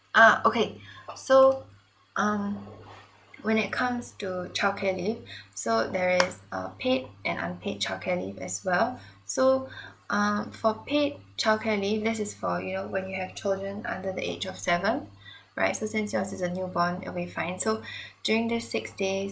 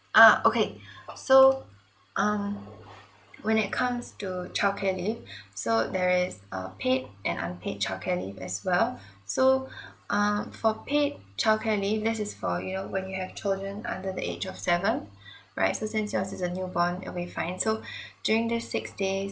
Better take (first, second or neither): second